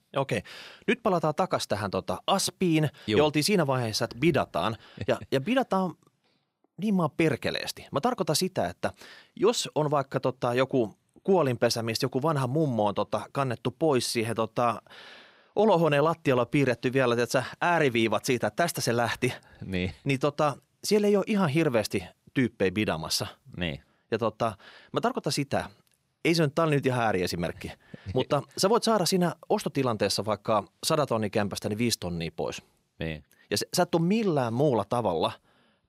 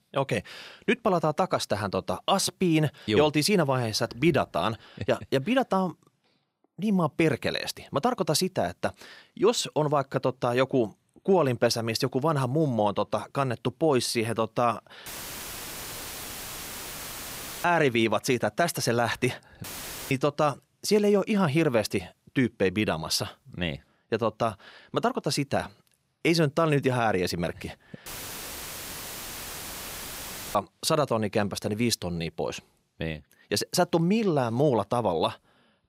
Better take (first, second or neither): first